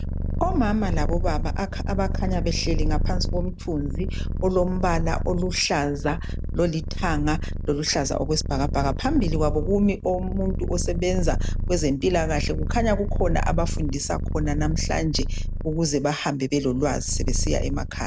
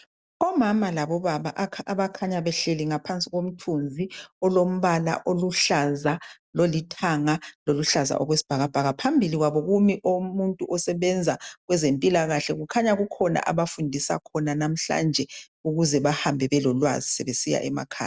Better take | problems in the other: second | background sound (Purr); as loud as the speech

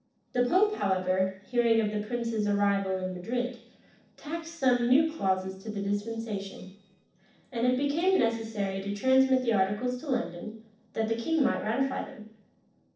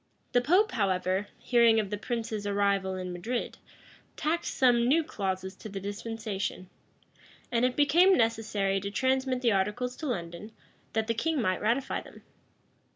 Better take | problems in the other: second | noise reduction (neural separator model SepFormer DNS4)

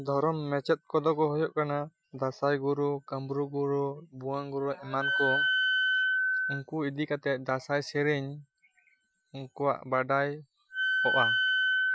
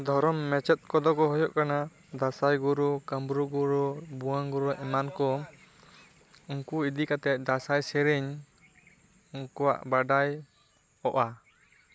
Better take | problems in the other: second | noise reduction (classical method Wiener filter)

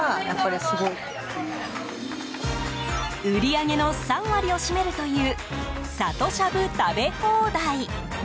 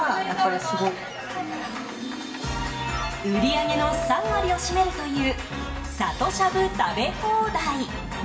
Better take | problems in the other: first | background sound (Wind instrument, woodwind instrument); 5 dB below the speech // room echo; dies away in 0.9 s

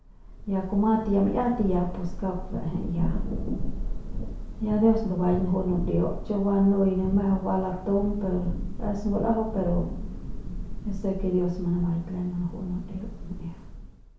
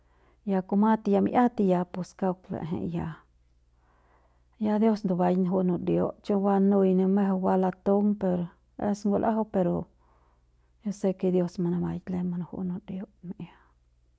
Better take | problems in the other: second | background sound (Thunder / Rain); 5 dB below the speech // room echo; dies away in 0.6 s

